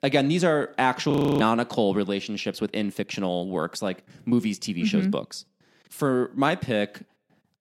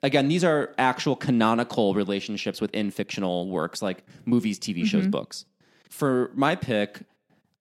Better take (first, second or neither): second